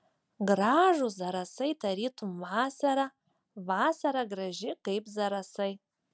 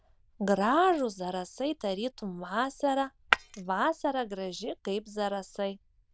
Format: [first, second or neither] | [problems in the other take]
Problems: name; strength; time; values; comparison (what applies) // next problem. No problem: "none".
first | noise reduction (neural diffusion model UNIVERSE++)